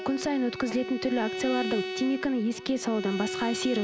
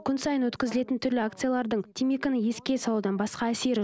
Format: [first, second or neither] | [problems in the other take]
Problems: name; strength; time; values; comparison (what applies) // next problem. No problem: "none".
second | background sound (Bowed string instrument); 7 dB below the speech